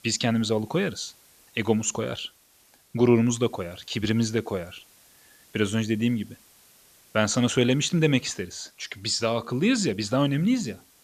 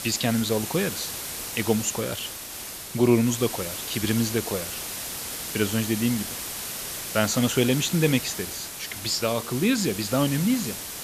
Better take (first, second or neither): first